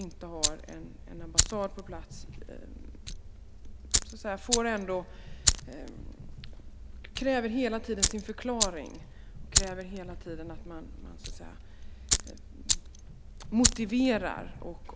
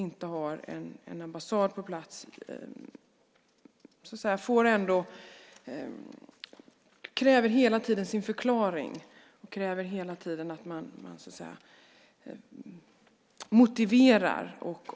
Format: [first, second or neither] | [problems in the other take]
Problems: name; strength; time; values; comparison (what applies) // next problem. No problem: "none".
second | background sound (Fire); 2 dB above the speech